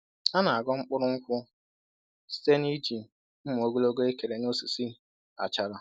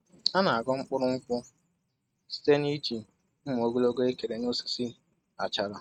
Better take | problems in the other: first | noise reduction (neural mask model RNNoise)

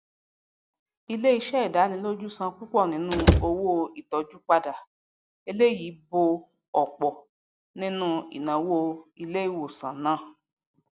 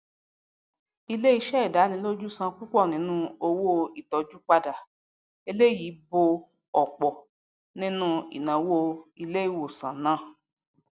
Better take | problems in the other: second | background sound (Slam / Wood); 5 dB above the speech

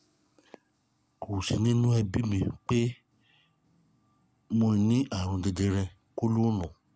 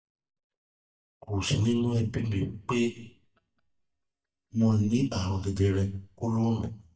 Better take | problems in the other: first | noise reduction (neural mask model DeepFilterNet 3)

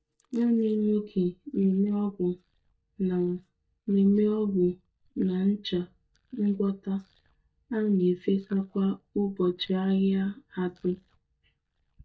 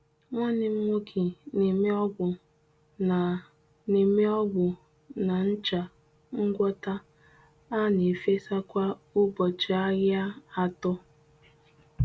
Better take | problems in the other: second | noise reduction (neural mask model DeepFilterNet 3)

